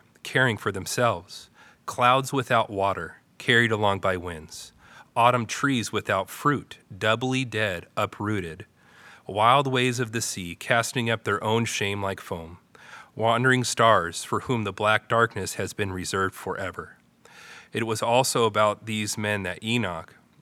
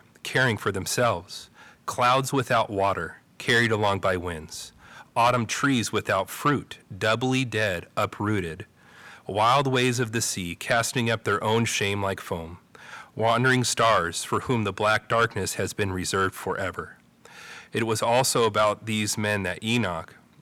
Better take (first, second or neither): first